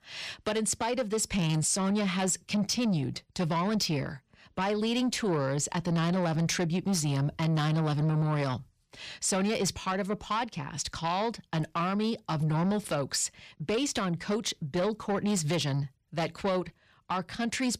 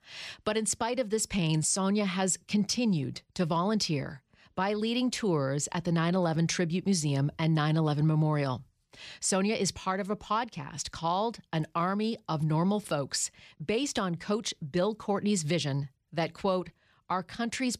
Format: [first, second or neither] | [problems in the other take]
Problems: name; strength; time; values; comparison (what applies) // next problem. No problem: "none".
second | distortion; slight; 10 dB below the speech